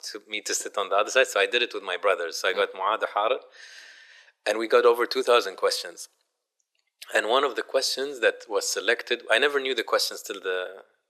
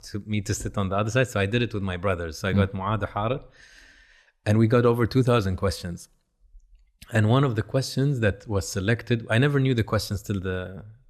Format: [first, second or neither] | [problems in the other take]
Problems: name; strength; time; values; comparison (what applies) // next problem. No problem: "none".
second | thin; very; fading below 400 Hz